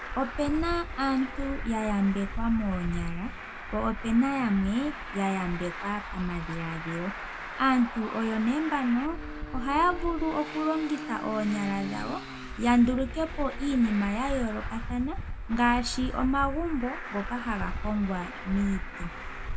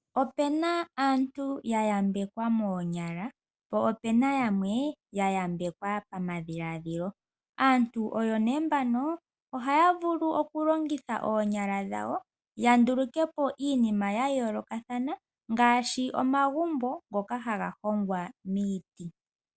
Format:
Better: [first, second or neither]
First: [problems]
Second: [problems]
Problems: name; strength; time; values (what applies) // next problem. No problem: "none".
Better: second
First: background sound (Traffic noise, roadway noise); 7 dB below the speech // room echo; dies away in 1.1 s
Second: none